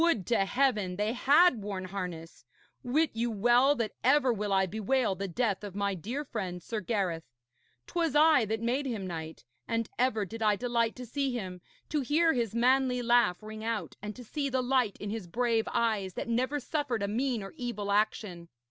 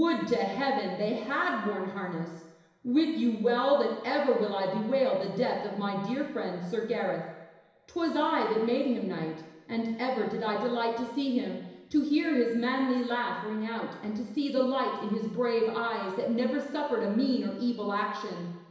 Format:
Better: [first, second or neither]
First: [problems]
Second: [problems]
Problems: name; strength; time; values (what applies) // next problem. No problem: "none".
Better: first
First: none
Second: room echo; dies away in 1 s